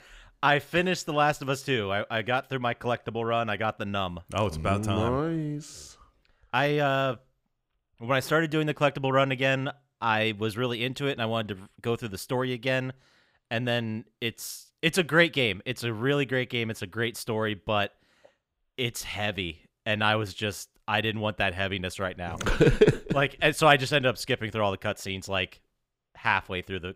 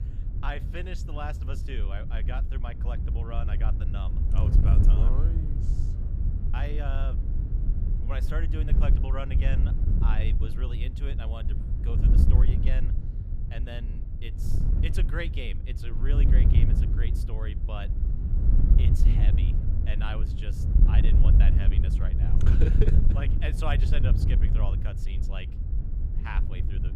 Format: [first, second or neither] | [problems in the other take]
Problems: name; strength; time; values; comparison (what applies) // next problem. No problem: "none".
first | wind noise on the microphone; heavy; 3 dB below the speech